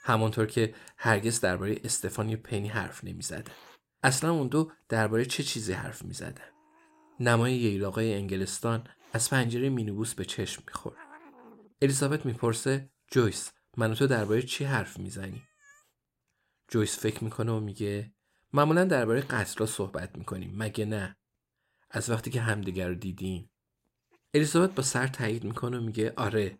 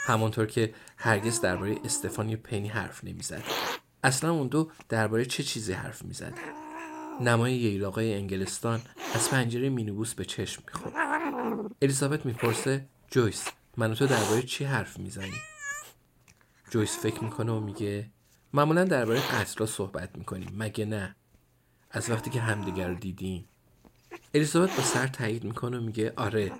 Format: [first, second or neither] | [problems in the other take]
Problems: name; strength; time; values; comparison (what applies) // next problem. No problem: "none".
first | hiss; loud; throughout; 7 dB below the speech; faint in the first